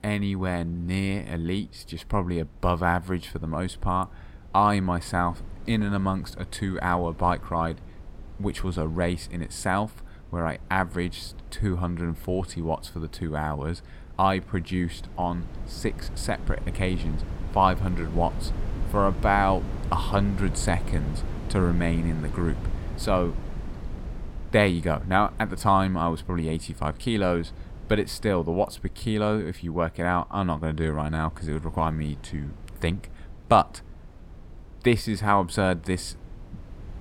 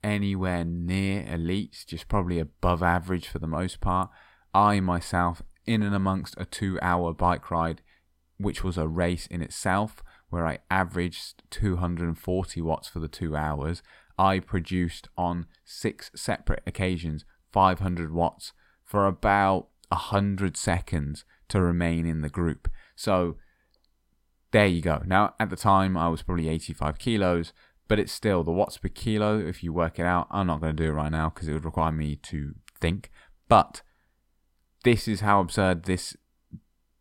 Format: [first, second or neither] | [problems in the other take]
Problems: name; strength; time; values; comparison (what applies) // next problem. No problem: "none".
second | wind noise on the microphone; occasional gusts; 20 dB below the speech